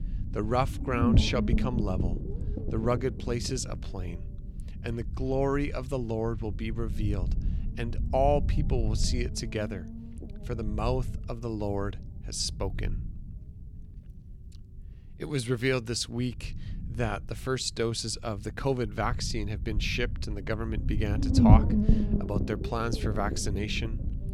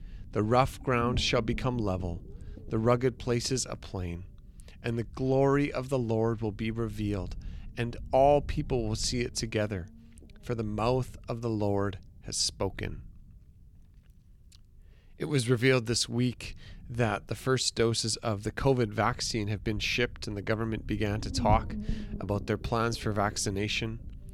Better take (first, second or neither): second